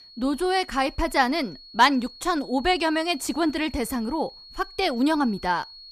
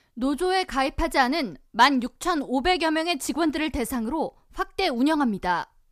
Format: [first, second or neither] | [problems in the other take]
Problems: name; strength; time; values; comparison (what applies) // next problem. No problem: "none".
second | high-pitched whine; noticeable; throughout; 4.5 kHz, 20 dB below the speech